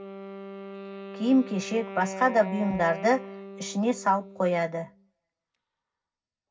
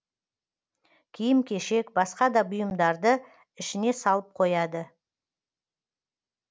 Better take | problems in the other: second | background sound (Wind instrument, woodwind instrument); 13 dB below the speech // room echo; dies away in 0.4 s

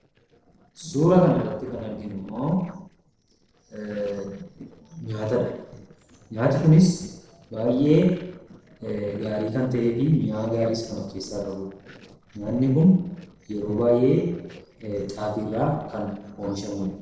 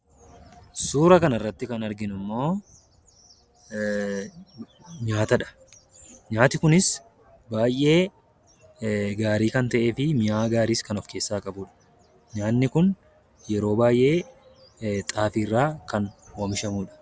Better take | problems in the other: second | noise reduction (neural separator model SepFormer DNS4)

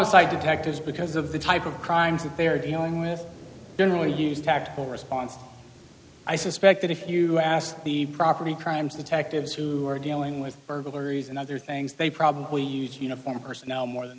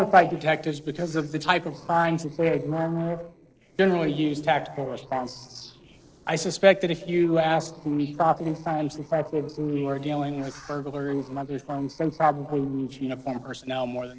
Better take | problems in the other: first | noise reduction (neural separator model SepFormer DNS4)

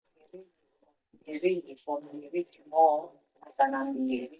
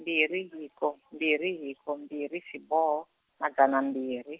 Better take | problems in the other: second | noise reduction (neural mask model DeepFilterNet 3)

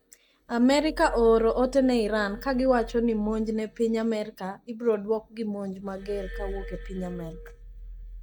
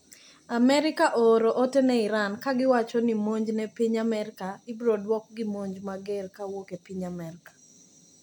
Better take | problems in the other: second | noise reduction (neural mask model DeepFilterNet 3)

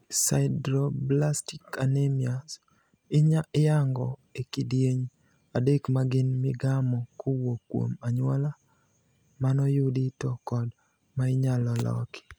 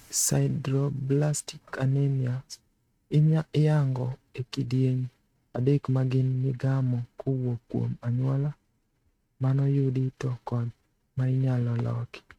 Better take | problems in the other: first | noise reduction (neural mask model RNNoise)

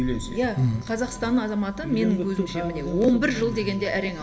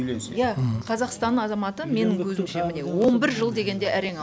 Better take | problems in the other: second | background sound (Motor vehicle (road)); 16 dB below the speech // room echo; dies away in 1.2 s

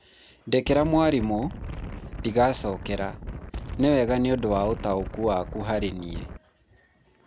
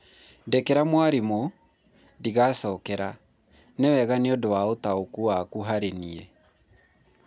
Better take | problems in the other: second | background sound (Wind); 10 dB below the speech

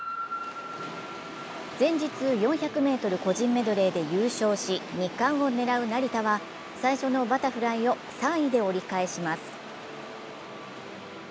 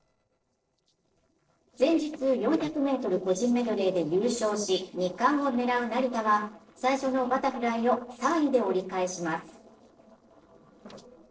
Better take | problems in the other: first | noise reduction (neural separator model SepFormer DNS4)

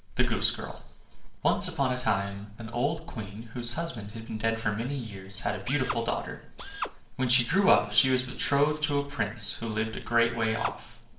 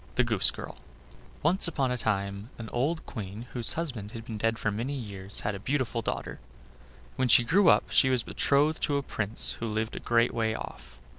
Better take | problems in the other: second | noise reduction (neural separator model SepFormer DNS4)

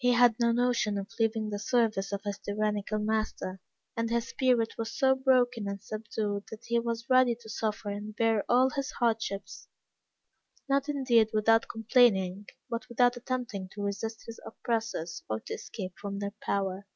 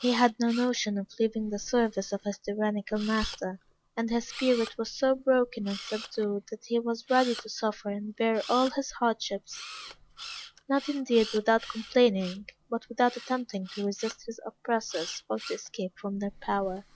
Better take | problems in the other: first | background sound (Camera); 16 dB below the speech

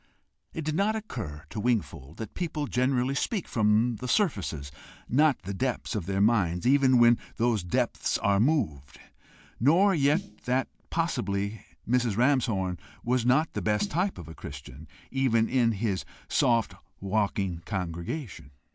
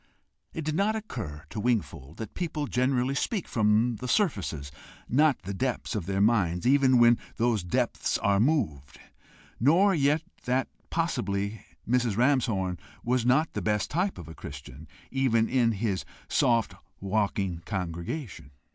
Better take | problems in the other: second | background sound (Snare drum); 16 dB below the speech

